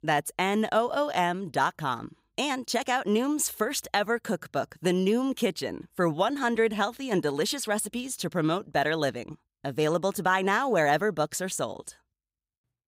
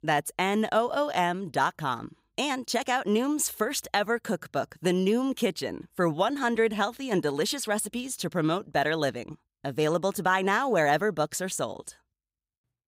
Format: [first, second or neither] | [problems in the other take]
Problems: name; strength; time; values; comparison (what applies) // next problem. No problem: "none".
neither | none